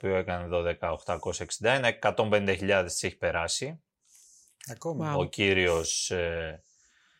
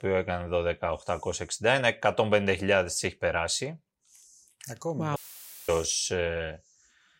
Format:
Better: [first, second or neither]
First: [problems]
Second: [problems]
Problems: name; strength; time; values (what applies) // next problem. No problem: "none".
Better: first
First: none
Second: audio cutting out; filled with static; at 5 s for 0.5 s